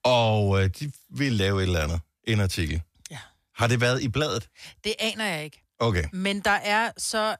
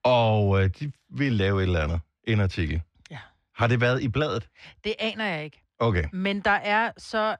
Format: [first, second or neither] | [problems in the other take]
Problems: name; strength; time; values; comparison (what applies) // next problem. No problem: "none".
first | muffled; slightly; fading above 3 kHz